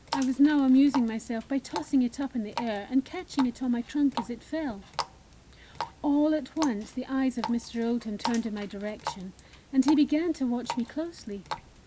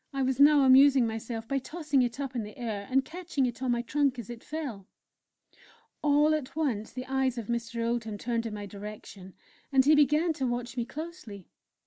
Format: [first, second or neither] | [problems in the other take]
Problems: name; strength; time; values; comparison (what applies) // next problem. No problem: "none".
second | background sound (Water tap, faucet); 13 dB below the speech